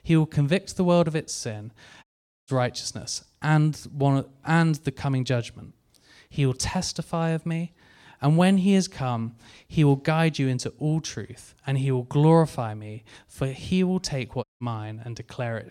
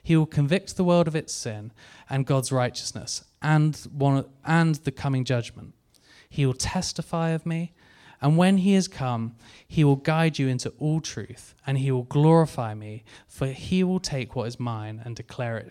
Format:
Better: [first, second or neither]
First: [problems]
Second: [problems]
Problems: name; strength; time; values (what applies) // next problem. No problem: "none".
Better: second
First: audio cutting out; at 2 s and at 14 s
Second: none